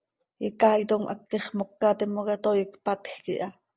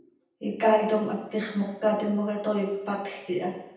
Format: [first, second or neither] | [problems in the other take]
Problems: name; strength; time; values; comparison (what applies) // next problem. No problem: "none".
first | room echo; dies away in 0.9 s